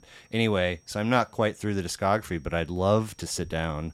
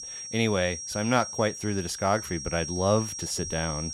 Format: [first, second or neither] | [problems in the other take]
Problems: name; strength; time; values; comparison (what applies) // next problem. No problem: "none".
first | high-pitched whine; loud; throughout; 5.5 kHz, 7 dB below the speech; faint in the first